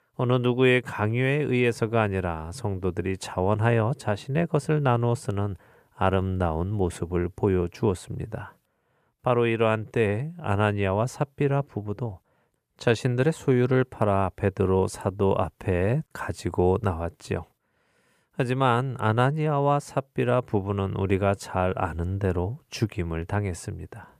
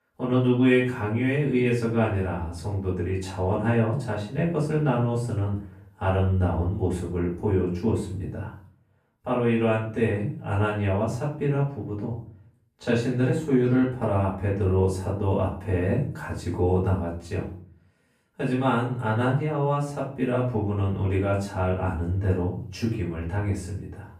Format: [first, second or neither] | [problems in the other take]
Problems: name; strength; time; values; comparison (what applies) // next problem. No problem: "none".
first | off-mic speech; far // room echo; noticeable; dies away in 0.4 s